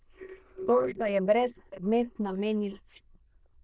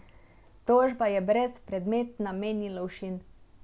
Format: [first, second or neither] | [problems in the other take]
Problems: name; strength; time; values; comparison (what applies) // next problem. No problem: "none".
second | noise reduction (neural diffusion model UNIVERSE++)